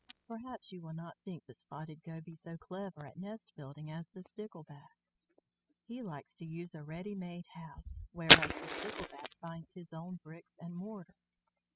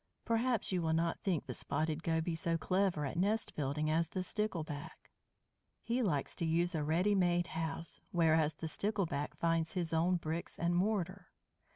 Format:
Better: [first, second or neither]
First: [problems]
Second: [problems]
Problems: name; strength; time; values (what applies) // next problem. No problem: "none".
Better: second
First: noise reduction (classical method spectral subtraction)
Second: none